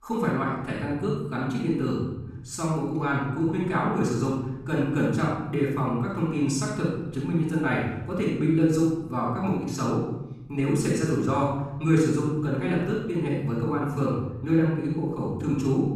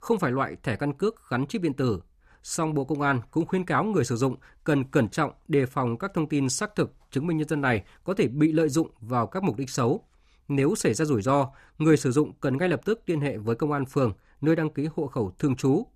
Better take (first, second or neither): second